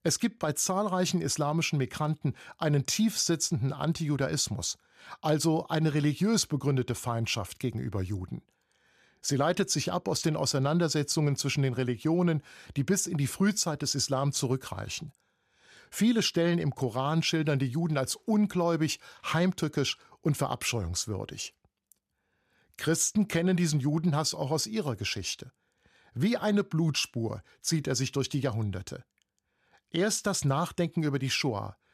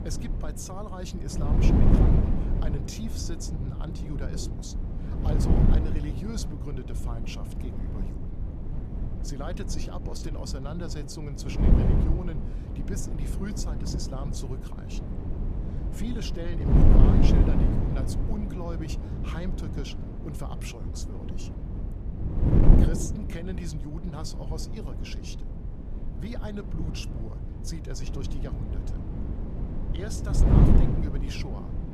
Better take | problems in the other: first | wind noise on the microphone; heavy; 3 dB above the speech

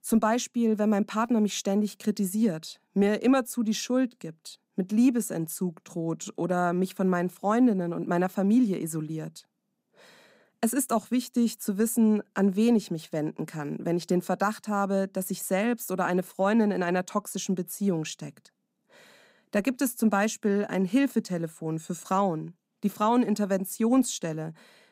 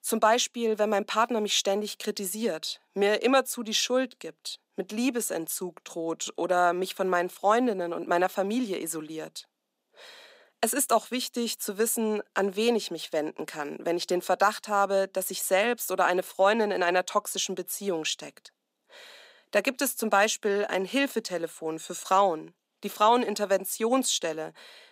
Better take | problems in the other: first | thin; somewhat; fading below 500 Hz

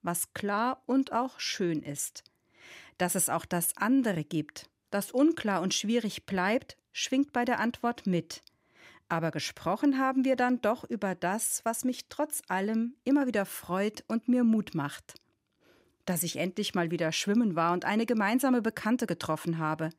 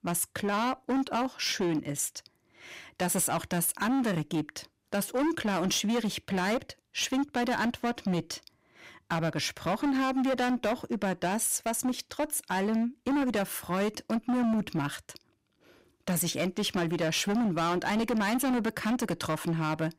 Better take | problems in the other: first | distortion; heavy; 18% of the sound clipped

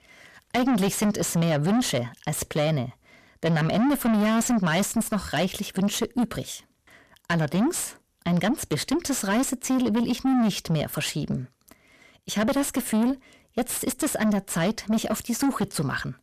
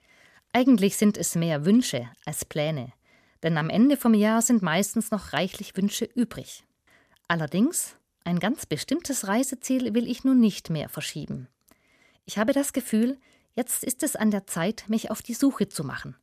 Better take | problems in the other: second | distortion; heavy; 6 dB below the speech

